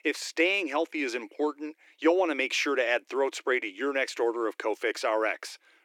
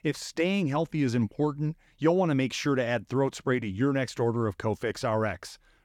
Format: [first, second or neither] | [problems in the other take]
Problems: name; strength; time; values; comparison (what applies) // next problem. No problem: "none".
second | thin; somewhat; fading below 300 Hz